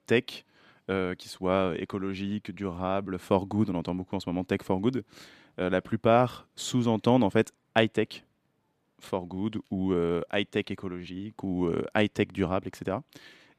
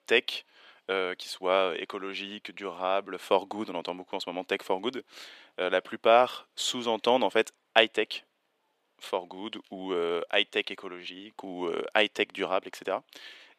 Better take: first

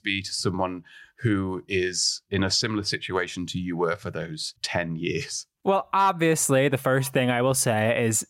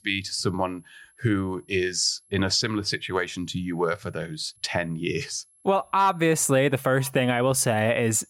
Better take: first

